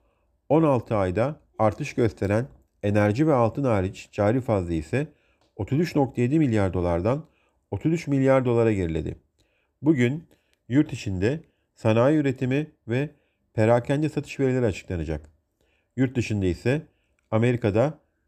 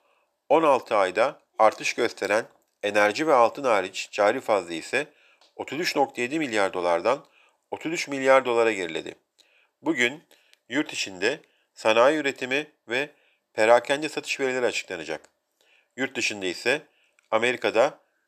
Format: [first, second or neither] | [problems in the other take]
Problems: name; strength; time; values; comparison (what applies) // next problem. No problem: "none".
first | thin; very; fading below 650 Hz